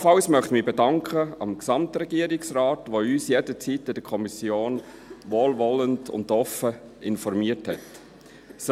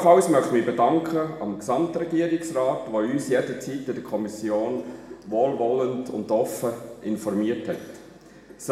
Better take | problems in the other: first | room echo; dies away in 1.3 s

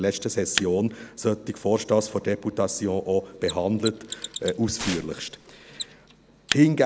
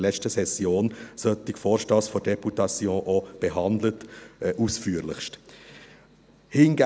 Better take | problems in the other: second | background sound (Tearing + Mechanisms); 11 dB below the speech

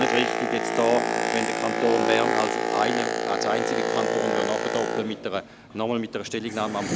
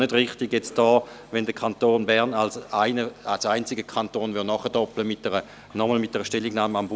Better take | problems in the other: second | background sound (Boat, Water vehicle); 1 dB above the speech

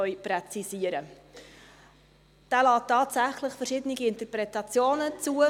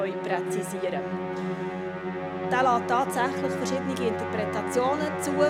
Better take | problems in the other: first | background sound (Musical instrument); 1 dB below the speech

